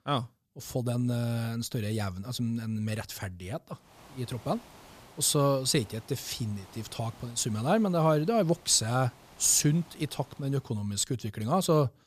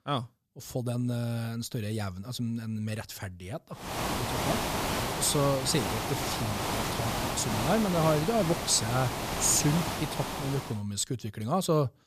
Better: first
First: hiss; faint; from 4 to 11 s; 25 dB below the speech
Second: hiss; loud; from 4 to 11 s; 2 dB below the speech

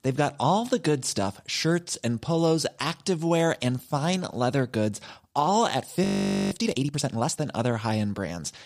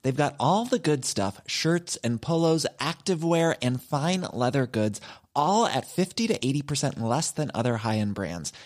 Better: second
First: audio freezing; at 6 s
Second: none

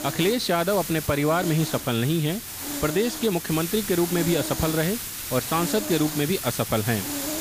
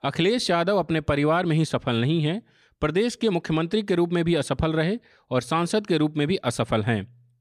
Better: second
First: hiss; loud; throughout; 5 dB below the speech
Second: none

